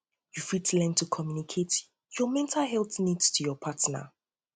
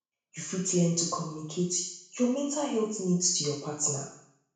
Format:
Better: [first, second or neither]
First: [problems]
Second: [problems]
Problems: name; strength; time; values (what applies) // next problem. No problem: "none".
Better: first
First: none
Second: room echo; dies away in 0.6 s